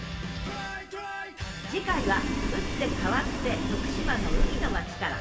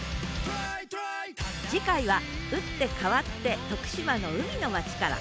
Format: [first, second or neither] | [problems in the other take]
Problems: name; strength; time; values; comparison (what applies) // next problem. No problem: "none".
second | background sound (Boiling); 3 dB above the speech // room echo; dies away in 2.3 s